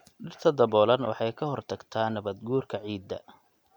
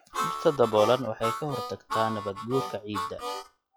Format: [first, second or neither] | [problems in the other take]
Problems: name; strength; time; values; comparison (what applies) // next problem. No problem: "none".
first | noise reduction (classical method log-MMSE)